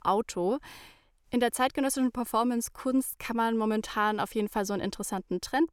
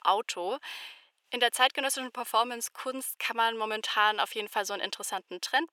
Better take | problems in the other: first | thin; very; fading below 650 Hz

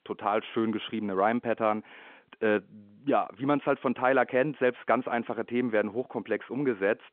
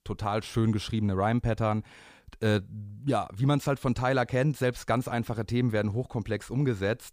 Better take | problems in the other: second | phone-call audio

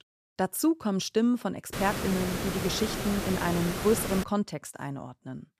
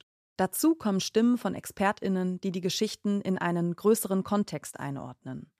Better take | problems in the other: second | hiss; loud; from 1.5 to 4 s; 4 dB below the speech

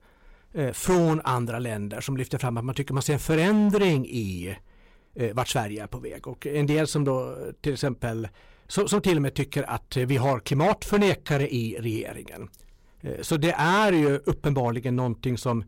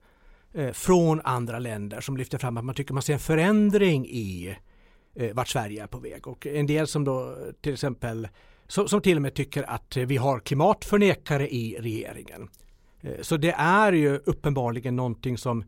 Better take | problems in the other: second | distortion; slight; 6% of the sound clipped

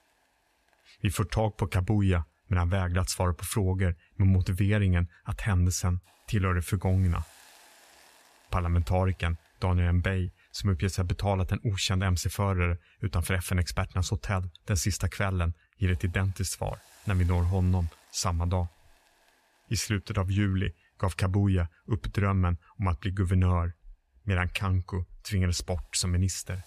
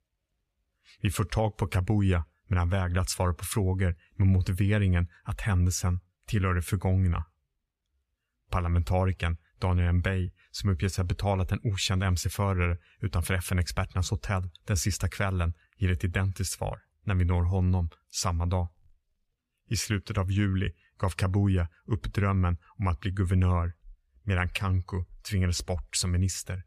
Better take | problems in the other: second | hiss; faint; throughout; 30 dB below the speech

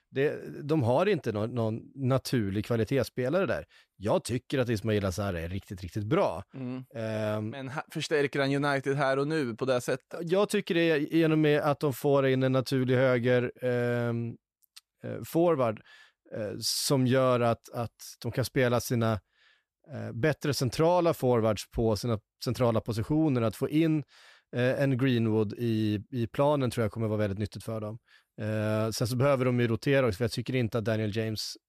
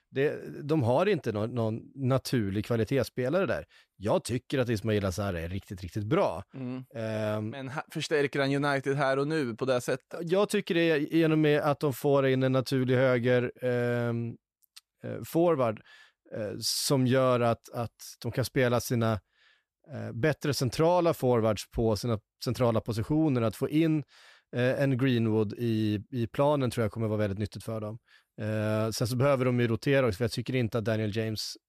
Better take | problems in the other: neither | none

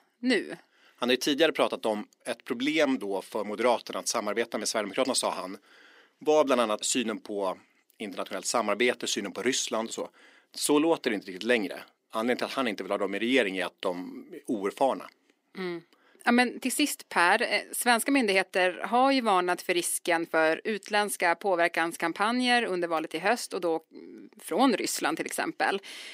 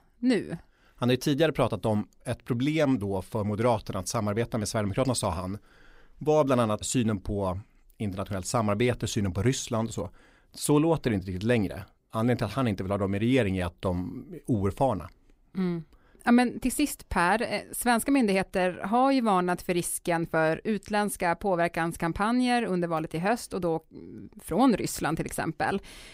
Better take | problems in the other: second | thin; very slightly; fading below 250 Hz

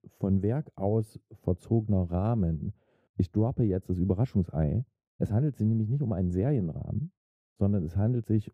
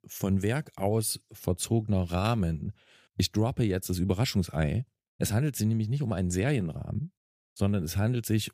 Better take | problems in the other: second | muffled; very; fading above 1.5 kHz

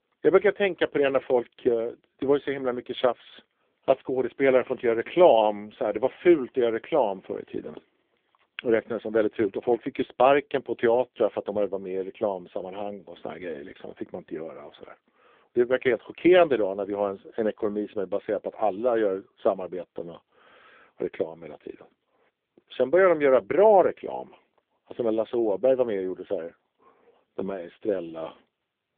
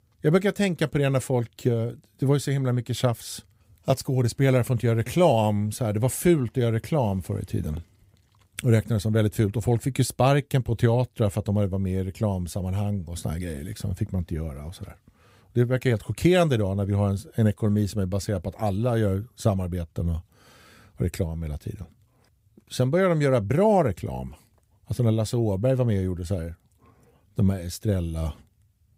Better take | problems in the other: second | phone-call audio; poor line; nothing above 3.5 kHz

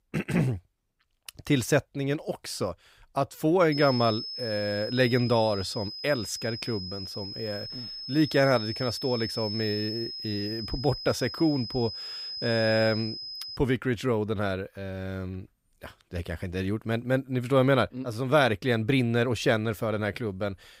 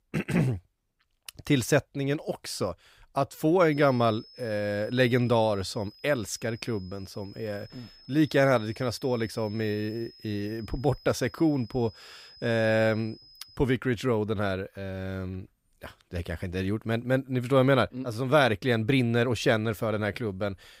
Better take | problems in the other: second | high-pitched whine; loud; from 3.5 to 14 s; 5 kHz, 7 dB below the speech; faint in the second

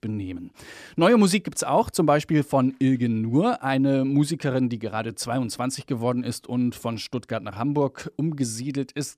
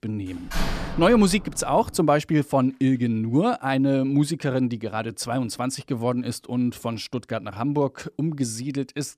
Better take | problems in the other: first | door banging; noticeable; until 1.5 s; peak 5 dB below the speech

